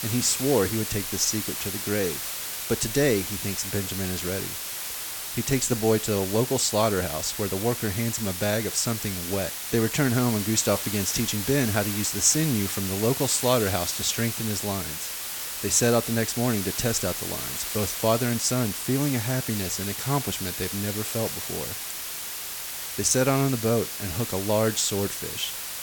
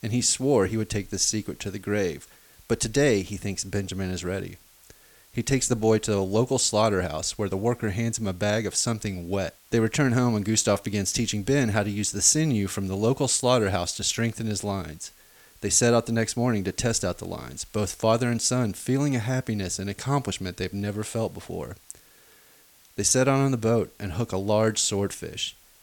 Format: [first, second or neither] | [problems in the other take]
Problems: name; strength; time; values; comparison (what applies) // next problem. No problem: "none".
second | hiss; loud; throughout; 4 dB below the speech; faint in the second